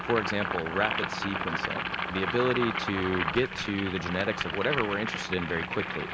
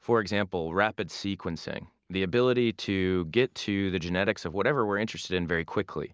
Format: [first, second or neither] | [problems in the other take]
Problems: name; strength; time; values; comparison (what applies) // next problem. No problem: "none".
second | background sound (Boiling); 2 dB below the speech